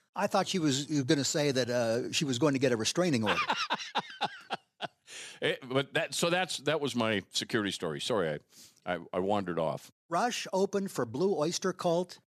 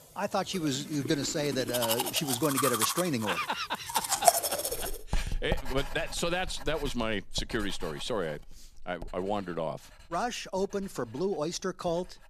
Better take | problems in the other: first | household noises; very loud; throughout; 1 dB above the speech

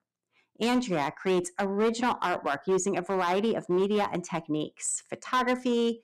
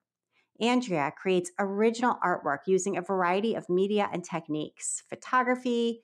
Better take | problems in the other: second | distortion; slight; 9% of the sound clipped

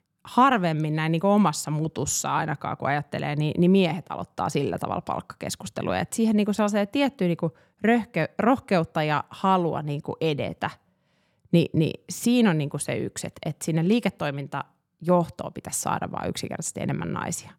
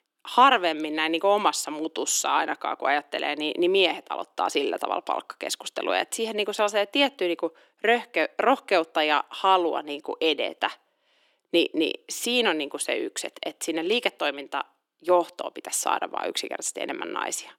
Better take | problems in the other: first | thin; very; fading below 300 Hz

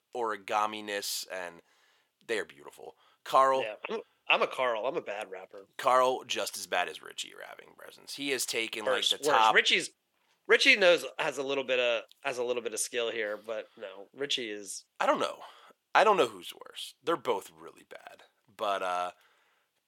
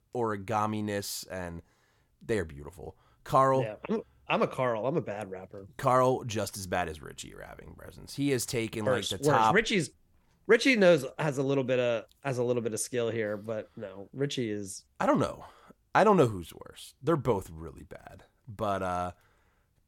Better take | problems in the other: second | thin; somewhat; fading below 500 Hz

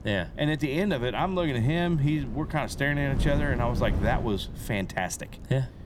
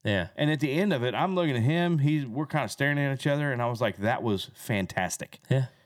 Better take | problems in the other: second | wind noise on the microphone; occasional gusts; 15 dB below the speech

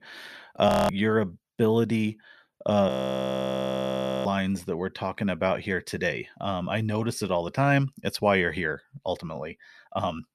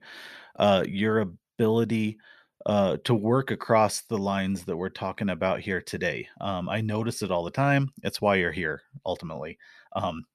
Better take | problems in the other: second | audio freezing; at 0.5 s and at 3 s for 1.5 s

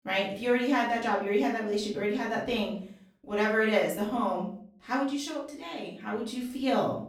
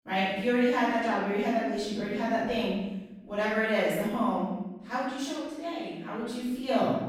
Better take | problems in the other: first | room echo; strong; dies away in 1.1 s; slight in the first // off-mic speech; far; far in the first

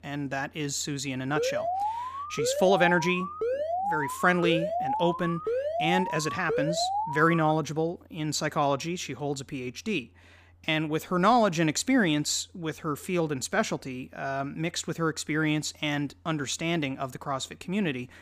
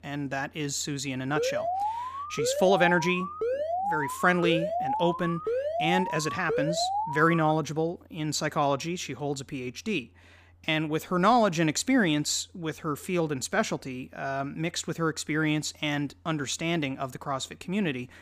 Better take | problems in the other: neither | alarm; noticeable; from 1.5 to 7.5 s; peak 1 dB below the speech; the same in both

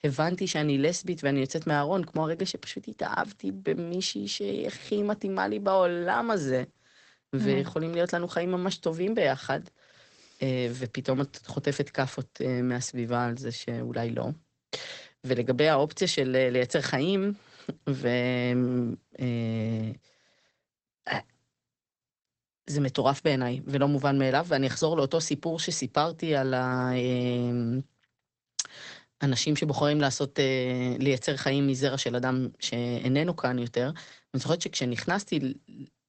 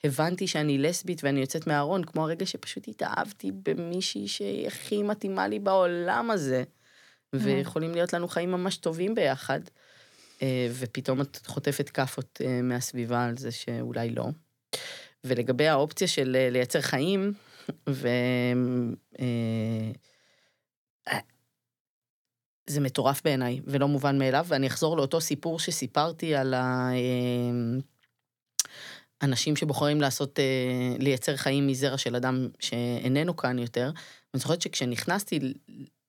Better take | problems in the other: second | garbled, watery; badly; nothing above 8 kHz

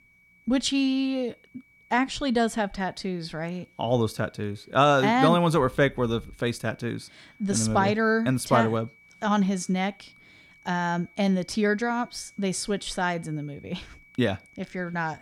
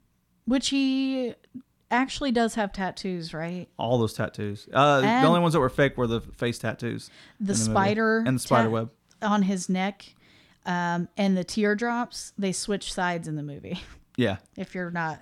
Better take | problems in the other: second | high-pitched whine; faint; throughout; 2.5 kHz, 30 dB below the speech

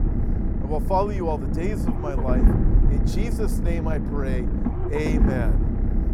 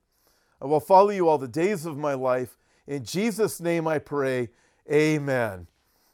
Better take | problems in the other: second | low rumble; loud; throughout; 4 dB below the speech

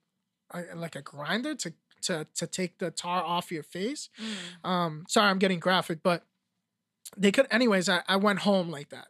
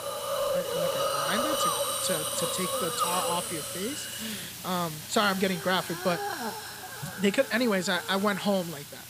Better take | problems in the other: first | hiss; loud; throughout; 1 dB below the speech

